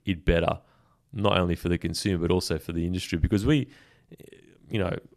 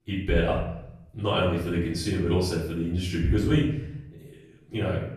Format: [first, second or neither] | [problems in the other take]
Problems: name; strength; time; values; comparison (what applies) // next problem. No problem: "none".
first | off-mic speech; far // room echo; noticeable; dies away in 0.7 s